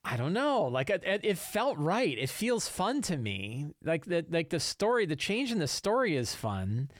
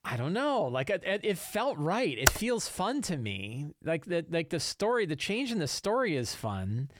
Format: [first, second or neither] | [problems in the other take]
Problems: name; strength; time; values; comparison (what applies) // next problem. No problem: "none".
first | keyboard typing; very faint; at 2.5 s; peak 4 dB above the speech